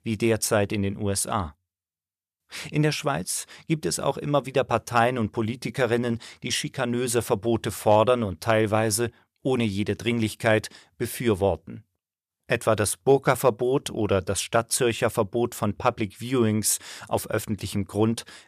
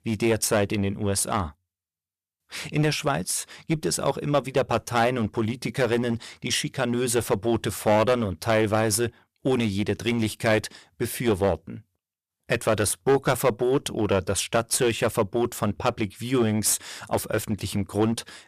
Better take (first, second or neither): first